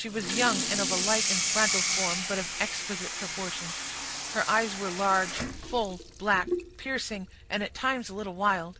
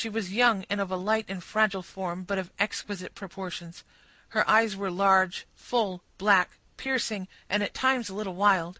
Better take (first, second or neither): second